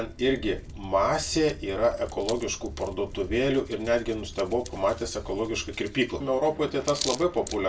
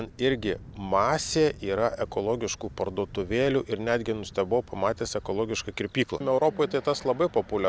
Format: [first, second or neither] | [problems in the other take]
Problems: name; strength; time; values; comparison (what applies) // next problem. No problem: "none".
second | background sound (Hands); 17 dB below the speech // room echo; dies away in 0.2 s